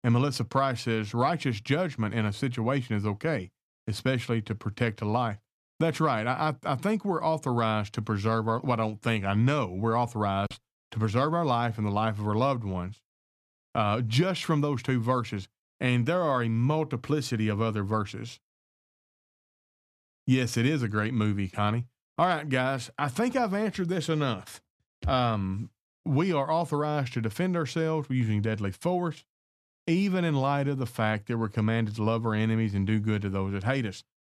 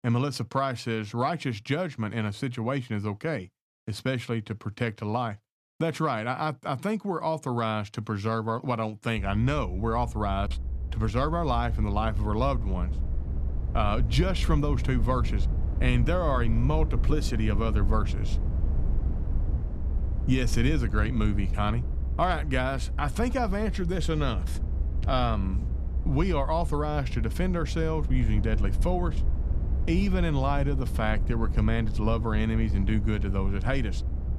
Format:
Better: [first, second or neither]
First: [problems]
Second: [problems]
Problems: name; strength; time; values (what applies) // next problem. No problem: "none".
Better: first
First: none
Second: low rumble; noticeable; from 9 s on; 15 dB below the speech